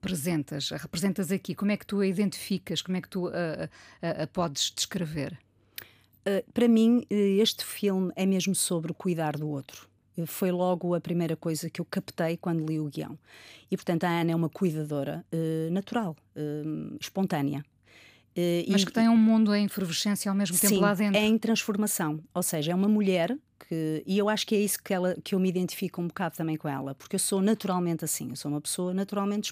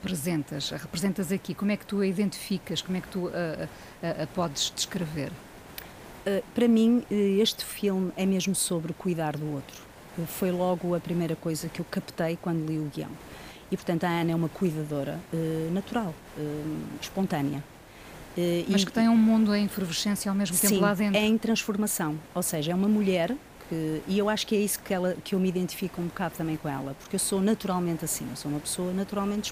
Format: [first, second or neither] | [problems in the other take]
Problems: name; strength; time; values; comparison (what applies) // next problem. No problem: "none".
first | hiss; noticeable; throughout; 20 dB below the speech